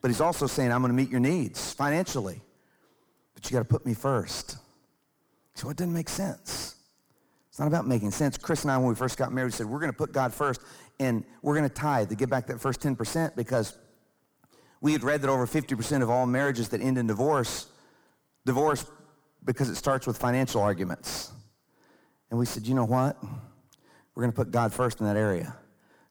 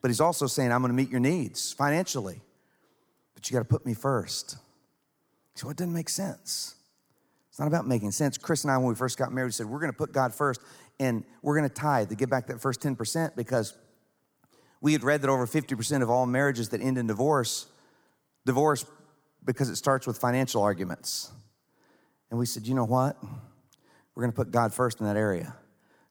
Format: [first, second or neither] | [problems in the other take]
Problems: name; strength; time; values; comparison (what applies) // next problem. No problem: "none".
second | distortion; slight; 10 dB below the speech